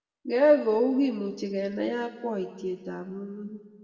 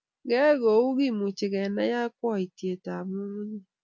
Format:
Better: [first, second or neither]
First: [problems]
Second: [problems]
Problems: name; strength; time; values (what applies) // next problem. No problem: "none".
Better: second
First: room echo; dies away in 1.5 s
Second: none